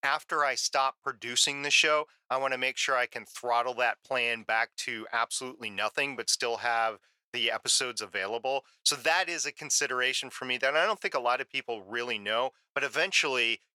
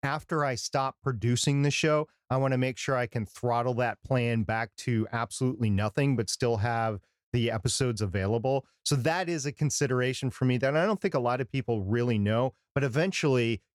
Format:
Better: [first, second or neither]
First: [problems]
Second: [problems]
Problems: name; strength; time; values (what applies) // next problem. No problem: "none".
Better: second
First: thin; very; fading below 750 Hz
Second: none